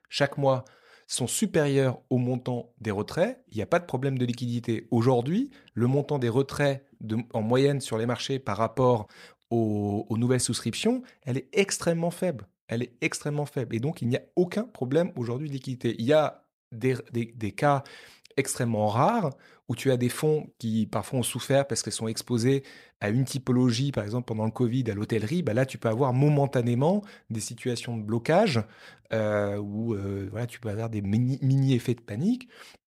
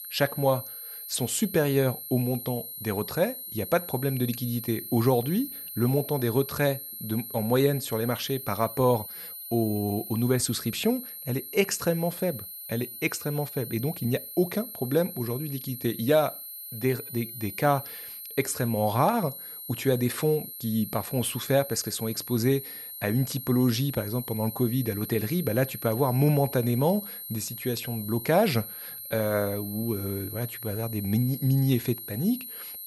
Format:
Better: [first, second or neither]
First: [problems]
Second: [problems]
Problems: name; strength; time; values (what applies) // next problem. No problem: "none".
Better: first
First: none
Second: high-pitched whine; loud; throughout; 11.5 kHz, 9 dB below the speech